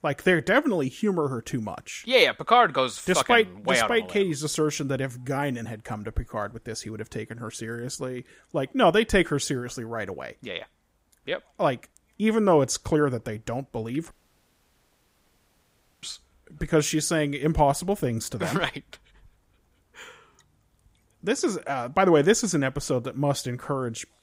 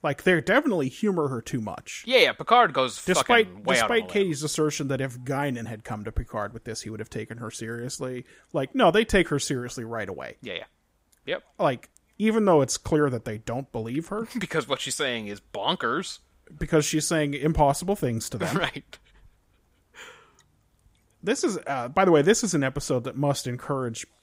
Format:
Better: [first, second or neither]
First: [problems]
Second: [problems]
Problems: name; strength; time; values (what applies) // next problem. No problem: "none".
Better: second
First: audio cutting out; at 14 s for 2 s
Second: none